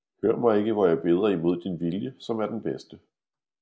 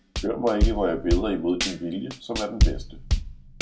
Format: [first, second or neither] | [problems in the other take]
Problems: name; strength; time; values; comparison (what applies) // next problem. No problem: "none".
first | background sound (Drum / Drum kit); 2 dB above the speech // room echo; dies away in 0.2 s